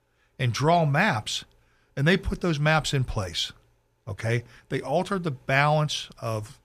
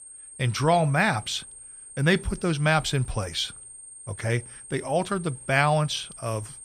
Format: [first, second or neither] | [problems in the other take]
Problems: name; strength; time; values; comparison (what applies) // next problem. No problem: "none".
first | high-pitched whine; noticeable; throughout; 8.5 kHz, 15 dB below the speech